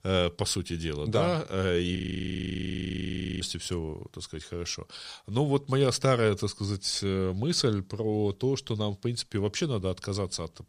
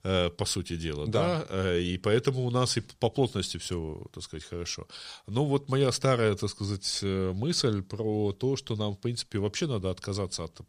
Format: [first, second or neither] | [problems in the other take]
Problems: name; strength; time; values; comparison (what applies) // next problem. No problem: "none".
second | audio freezing; at 2 s for 1.5 s